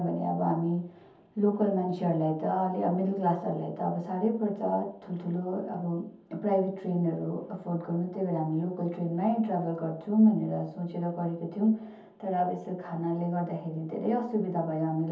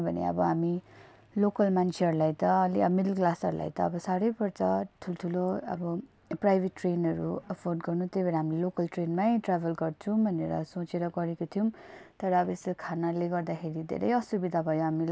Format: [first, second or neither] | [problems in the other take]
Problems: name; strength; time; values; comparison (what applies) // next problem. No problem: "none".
second | room echo; dies away in 0.7 s